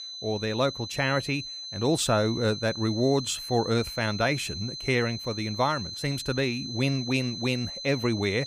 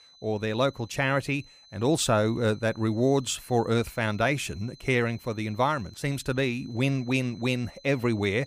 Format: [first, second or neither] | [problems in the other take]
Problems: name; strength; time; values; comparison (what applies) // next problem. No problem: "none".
second | high-pitched whine; loud; throughout; 4 kHz, 8 dB below the speech; faint in the second